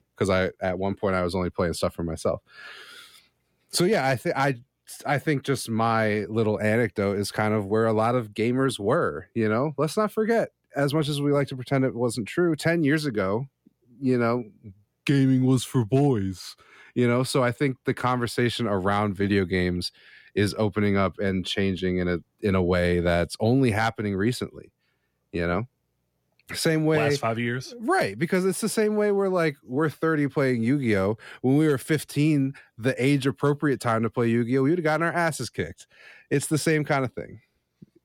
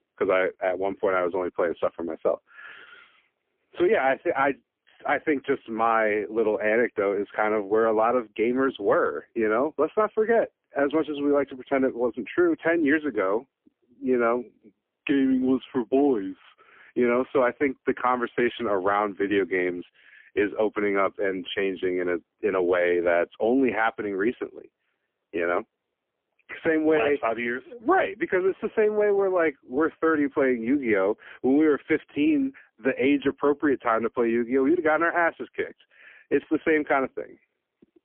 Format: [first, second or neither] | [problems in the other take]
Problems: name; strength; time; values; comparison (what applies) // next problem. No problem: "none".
first | phone-call audio; poor line; nothing above 3.5 kHz